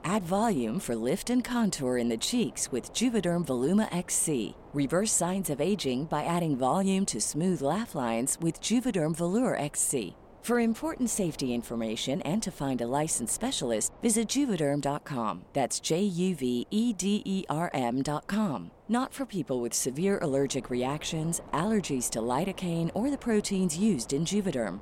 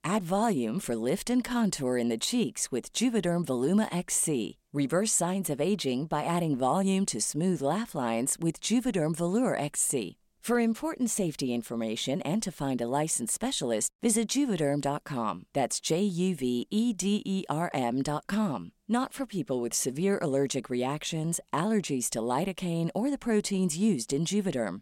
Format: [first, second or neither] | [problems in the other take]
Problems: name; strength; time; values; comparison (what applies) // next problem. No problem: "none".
second | wind noise on the microphone; occasional gusts; 20 dB below the speech